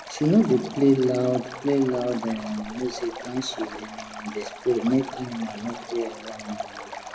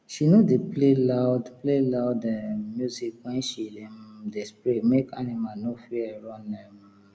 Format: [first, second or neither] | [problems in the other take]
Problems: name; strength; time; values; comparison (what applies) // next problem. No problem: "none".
second | background sound (Stream); 12 dB below the speech // room echo; dies away in 0.6 s